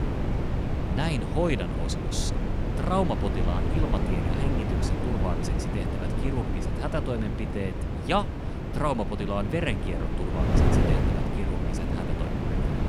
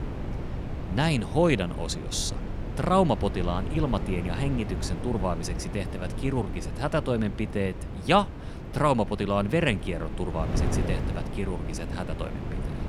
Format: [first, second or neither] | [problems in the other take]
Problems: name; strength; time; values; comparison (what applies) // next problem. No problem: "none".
second | wind noise on the microphone; heavy; 2 dB below the speech; occasional gusts in the second